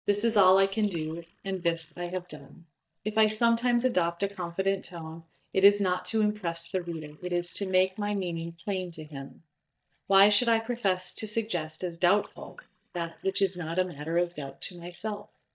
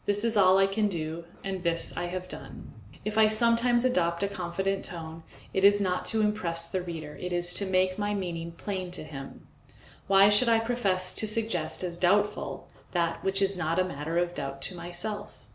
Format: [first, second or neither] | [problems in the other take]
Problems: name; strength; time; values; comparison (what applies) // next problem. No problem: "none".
second | noise reduction (neural mask model DeepFilterNet 3)